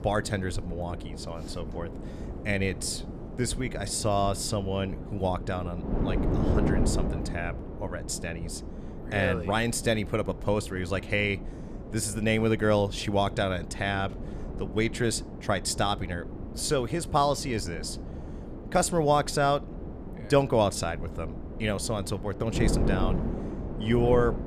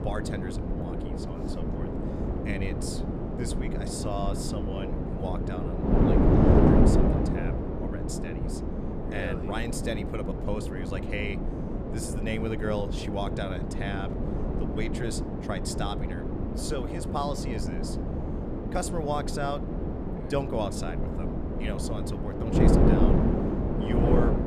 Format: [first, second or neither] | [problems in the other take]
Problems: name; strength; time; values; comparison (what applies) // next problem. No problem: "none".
first | wind noise on the microphone; heavy; 2 dB above the speech; occasional gusts in the first